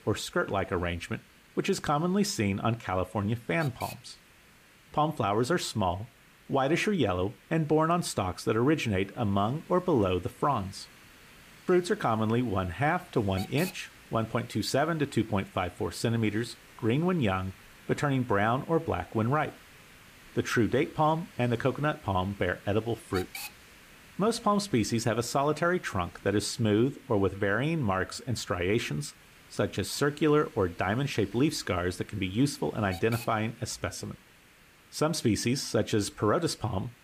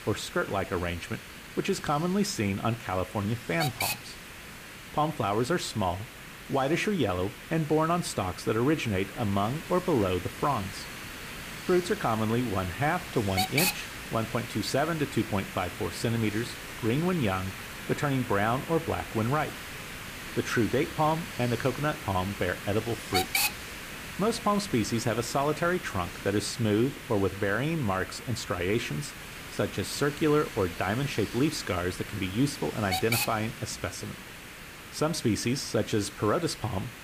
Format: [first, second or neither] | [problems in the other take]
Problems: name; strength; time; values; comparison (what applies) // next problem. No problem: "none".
first | hiss; loud; throughout; 8 dB below the speech; faint in the first